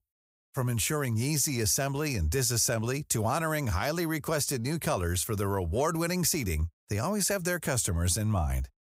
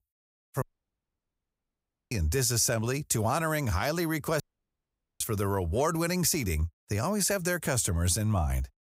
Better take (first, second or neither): first